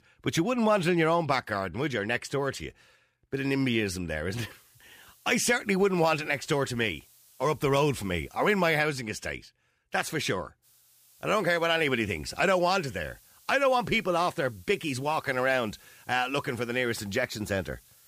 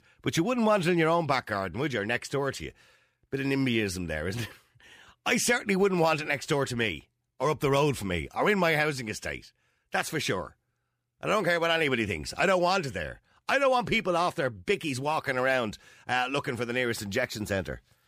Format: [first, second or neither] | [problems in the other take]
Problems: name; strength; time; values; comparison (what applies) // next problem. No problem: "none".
second | hiss; faint; from 4.5 to 9 s and from 11 s on; 30 dB below the speech